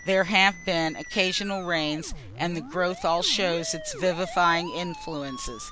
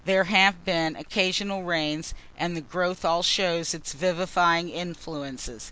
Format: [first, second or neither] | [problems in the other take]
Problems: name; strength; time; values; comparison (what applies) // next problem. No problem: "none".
second | background sound (Musical instrument); 15 dB below the speech